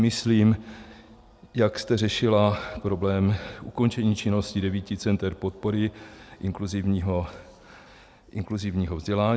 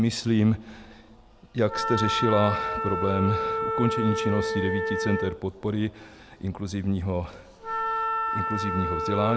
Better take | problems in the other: first | background sound (Wind instrument, woodwind instrument); 3 dB below the speech

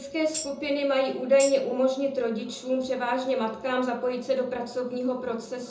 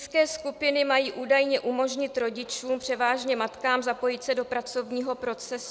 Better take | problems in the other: second | background sound (Tambourine); 12 dB below the speech // room echo; dies away in 0.5 s

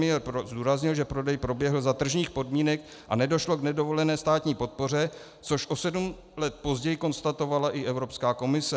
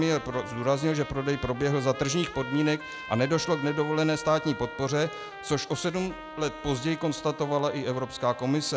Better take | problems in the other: first | background sound (Trumpet); 12 dB below the speech

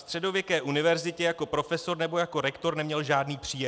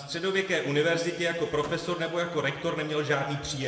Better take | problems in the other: first | background sound (Slam / Microwave oven); 19 dB below the speech // room echo; dies away in 1.9 s

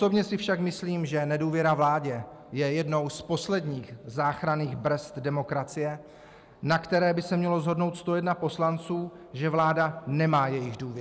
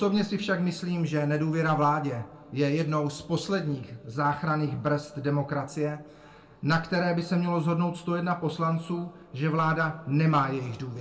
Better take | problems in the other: first | room echo; dies away in 0.2 s

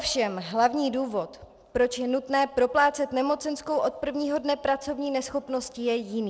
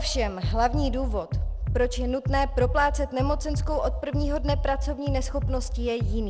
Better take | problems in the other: first | background sound (Bass drum); 1 dB above the speech

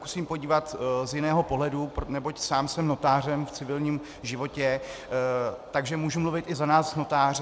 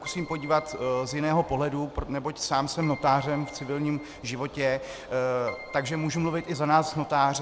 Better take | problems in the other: first | background sound (Keyboard (musical)); 18 dB below the speech

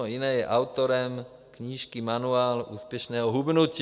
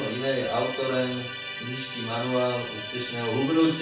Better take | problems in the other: first | background sound (Musical instrument); 9 dB below the speech // room echo; dies away in 0.4 s

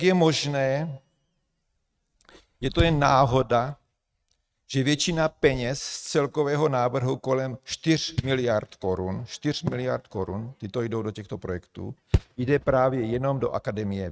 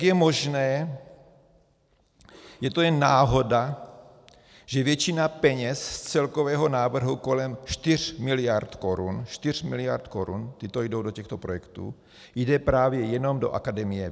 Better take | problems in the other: second | noise reduction (neural mask model RNNoise)

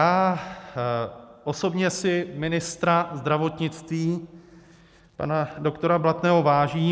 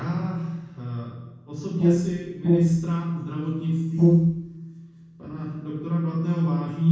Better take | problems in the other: first | background sound (Brass instrument); 2 dB above the speech // room echo; dies away in 1.1 s

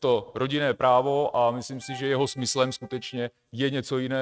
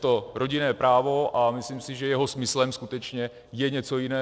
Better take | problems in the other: second | noise reduction (neural mask model RNNoise)

